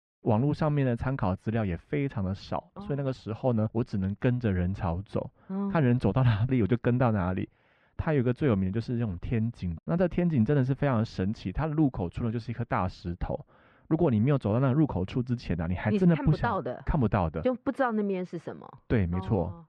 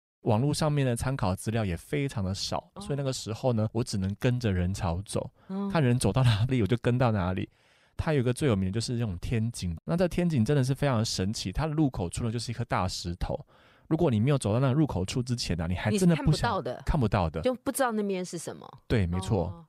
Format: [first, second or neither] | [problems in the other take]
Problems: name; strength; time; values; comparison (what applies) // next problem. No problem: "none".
second | muffled; very; fading above 2 kHz